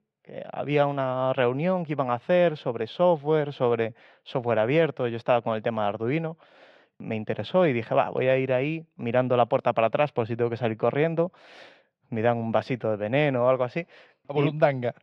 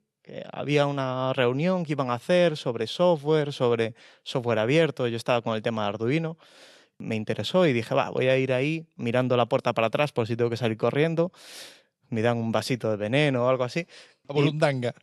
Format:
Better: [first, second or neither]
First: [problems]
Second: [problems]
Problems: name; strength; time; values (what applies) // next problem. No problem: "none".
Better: second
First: muffled; very; fading above 2 kHz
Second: none